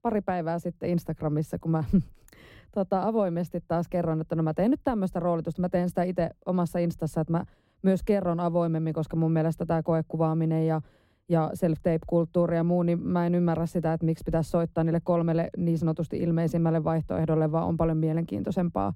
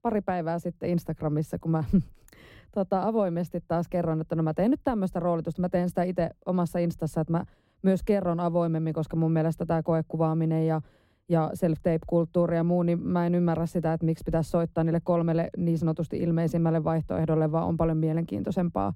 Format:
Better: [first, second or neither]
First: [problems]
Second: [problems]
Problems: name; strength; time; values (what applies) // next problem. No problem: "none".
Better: neither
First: muffled; very; fading above 1 kHz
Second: muffled; very; fading above 1 kHz